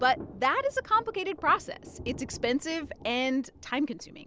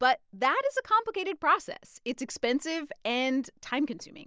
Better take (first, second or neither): second